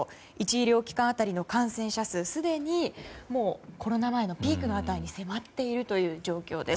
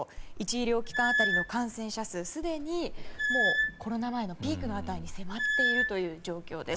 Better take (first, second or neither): first